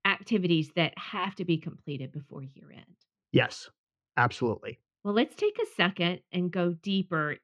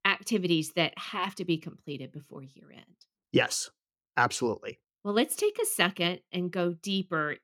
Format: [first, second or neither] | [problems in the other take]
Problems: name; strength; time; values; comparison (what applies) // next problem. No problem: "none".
second | muffled; slightly; fading above 3 kHz